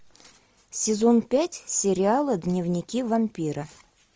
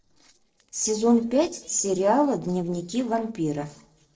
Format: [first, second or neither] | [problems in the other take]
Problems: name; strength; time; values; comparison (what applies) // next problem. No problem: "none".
first | noise reduction (neural separator model SepFormer DNS4)